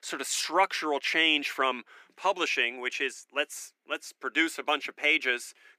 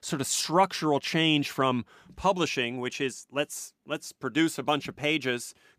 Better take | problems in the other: second | thin; somewhat; fading below 300 Hz

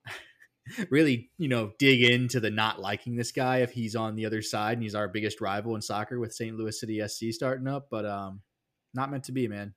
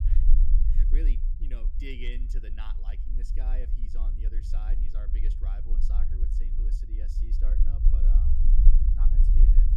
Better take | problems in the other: first | low rumble; loud; throughout; 2 dB below the speech

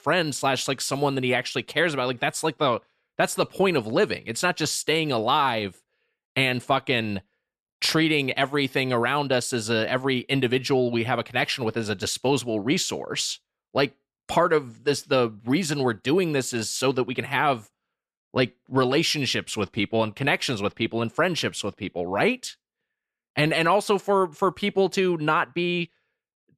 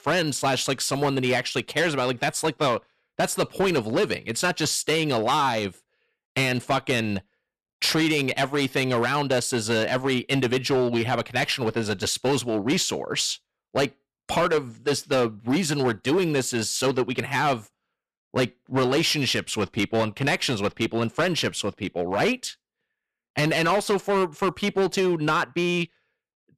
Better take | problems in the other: first | distortion; slight; 9% of the sound clipped

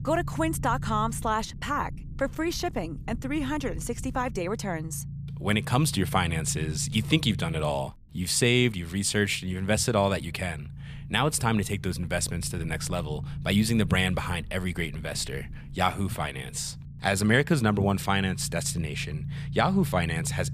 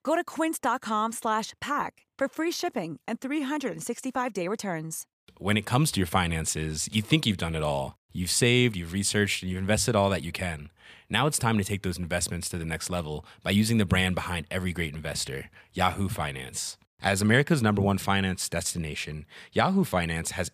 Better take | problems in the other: second | low rumble; faint; throughout; 20 dB below the speech

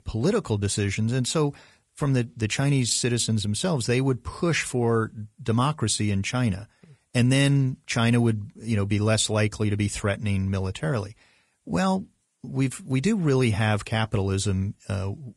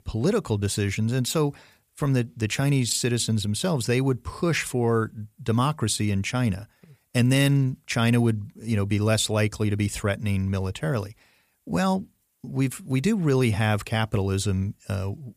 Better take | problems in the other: second | garbled, watery; slightly; nothing above 10.5 kHz

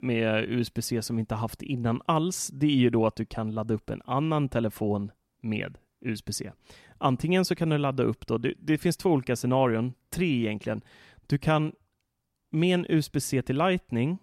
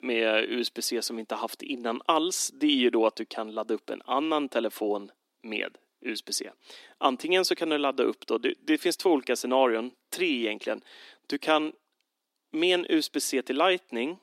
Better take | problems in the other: first | thin; somewhat; fading below 300 Hz

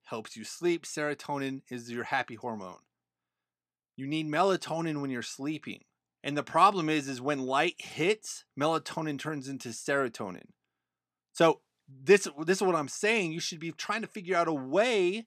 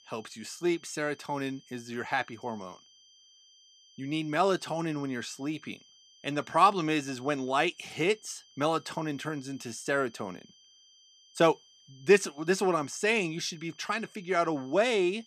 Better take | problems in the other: first | high-pitched whine; faint; throughout; 3 kHz, 25 dB below the speech

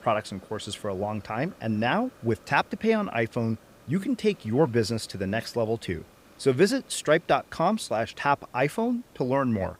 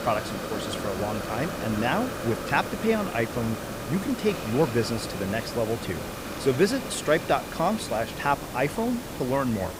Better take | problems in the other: first | hiss; loud; throughout; 6 dB below the speech; faint in the first

